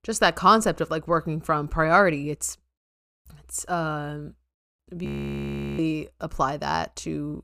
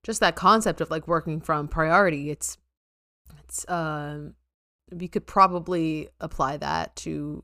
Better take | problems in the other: second | audio freezing; at 5 s for 0.5 s

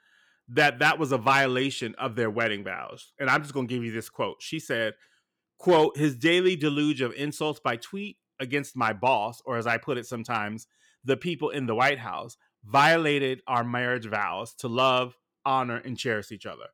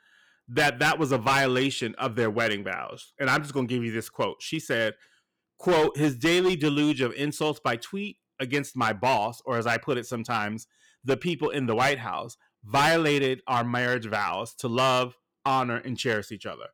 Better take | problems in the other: first | distortion; slight; 7% of the sound clipped

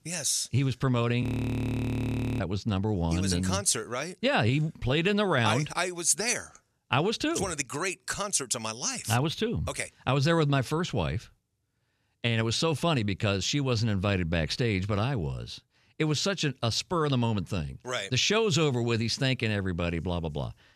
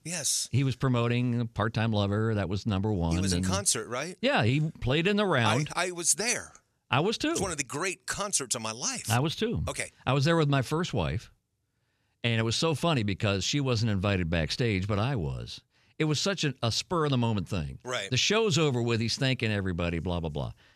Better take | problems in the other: second | audio freezing; at 1 s for 1 s

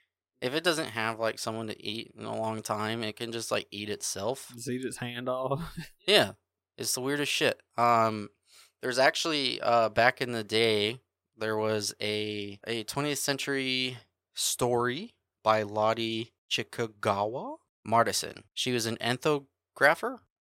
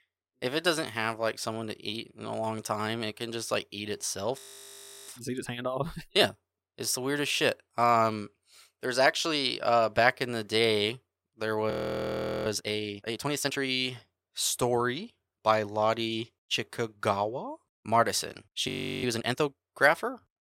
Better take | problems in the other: first | audio freezing; at 4.5 s for 0.5 s, at 12 s for 1 s and at 19 s

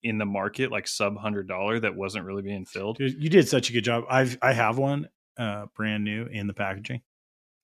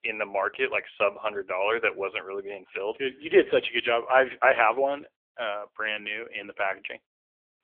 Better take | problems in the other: first | phone-call audio; nothing above 3 kHz

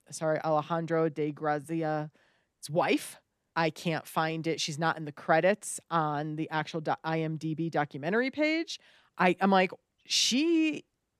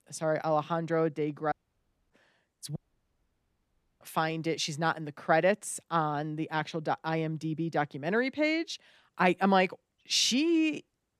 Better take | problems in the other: first | audio cutting out; at 1.5 s for 0.5 s and at 3 s for 1.5 s

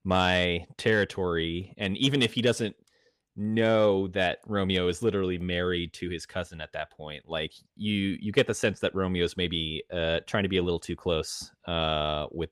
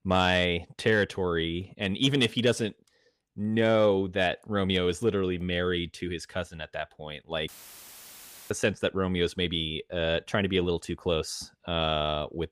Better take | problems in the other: first | audio cutting out; filled with static; at 7.5 s for 1 s

